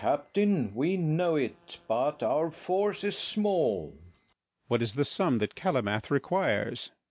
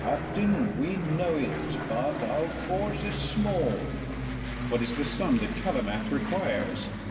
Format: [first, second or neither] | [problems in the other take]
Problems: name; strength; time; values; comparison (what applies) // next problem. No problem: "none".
first | background sound (Aircraft); 3 dB below the speech // room echo; dies away in 2.1 s